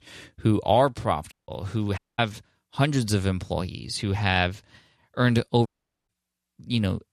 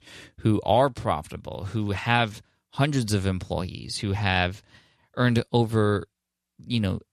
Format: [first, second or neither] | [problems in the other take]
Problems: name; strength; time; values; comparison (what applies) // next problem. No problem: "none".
second | audio cutting out; at 1.5 s, at 2 s and at 5.5 s